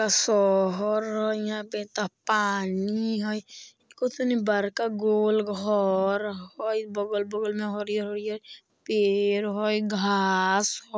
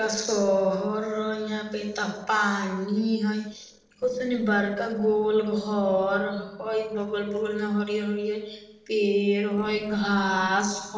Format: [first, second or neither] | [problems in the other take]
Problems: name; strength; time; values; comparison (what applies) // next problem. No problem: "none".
first | noise reduction (neural separator model SepFormer DNS4)